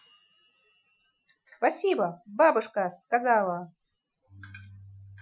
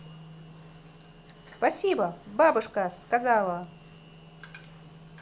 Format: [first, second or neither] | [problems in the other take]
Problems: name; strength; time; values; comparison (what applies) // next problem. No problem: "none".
second | noise reduction (classical method Wiener filter)